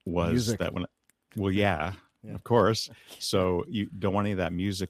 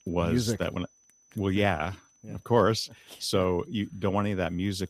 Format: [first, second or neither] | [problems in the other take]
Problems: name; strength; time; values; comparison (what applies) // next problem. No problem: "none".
first | high-pitched whine; faint; throughout; 6 kHz, 35 dB below the speech